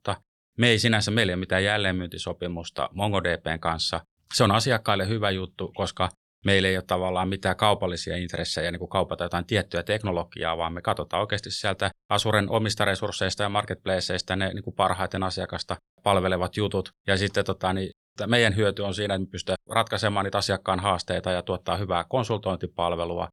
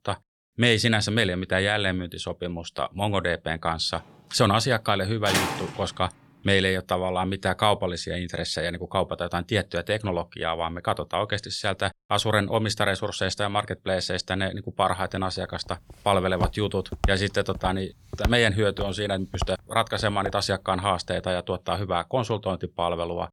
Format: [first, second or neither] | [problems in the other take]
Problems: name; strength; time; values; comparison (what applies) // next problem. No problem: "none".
first | door banging; loud; at 5.5 s; peak 1 dB above the speech // footsteps; noticeable; from 16 to 20 s; peak 5 dB below the speech